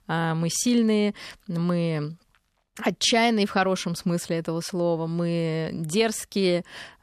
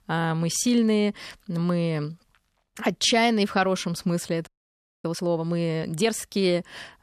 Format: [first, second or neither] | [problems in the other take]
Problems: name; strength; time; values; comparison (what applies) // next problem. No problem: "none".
first | audio freezing; at 4.5 s for 0.5 s